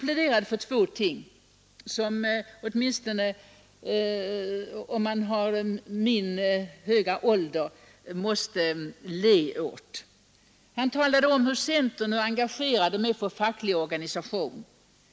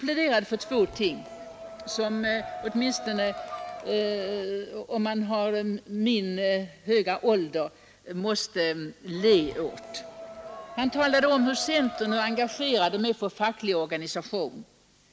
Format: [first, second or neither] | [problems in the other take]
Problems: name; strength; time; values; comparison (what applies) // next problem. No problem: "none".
first | background sound (Crowd); 12 dB below the speech